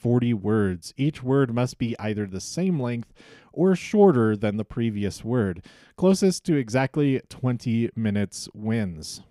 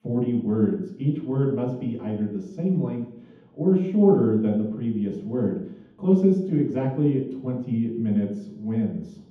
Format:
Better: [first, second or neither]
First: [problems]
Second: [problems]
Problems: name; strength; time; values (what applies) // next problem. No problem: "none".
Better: first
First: none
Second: room echo; noticeable; dies away in 0.8 s // off-mic speech; far